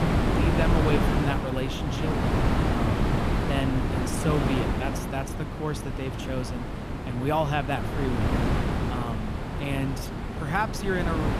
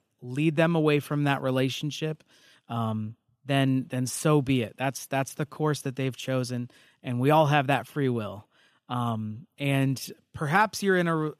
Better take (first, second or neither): second